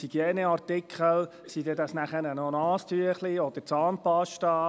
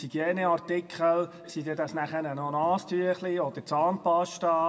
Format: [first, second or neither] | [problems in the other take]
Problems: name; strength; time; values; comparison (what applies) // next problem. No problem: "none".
first | room echo; dies away in 1.9 s